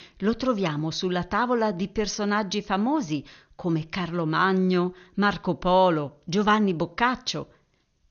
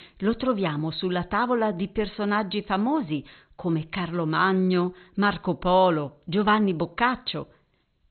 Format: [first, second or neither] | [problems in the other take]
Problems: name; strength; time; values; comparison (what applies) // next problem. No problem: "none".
first | garbled, watery; badly; nothing above 4 kHz; slightly in the first